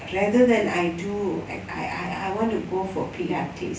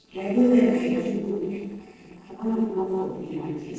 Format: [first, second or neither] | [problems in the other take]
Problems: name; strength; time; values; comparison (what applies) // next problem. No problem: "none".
first | noise reduction (neural separator model SepFormer DNS4)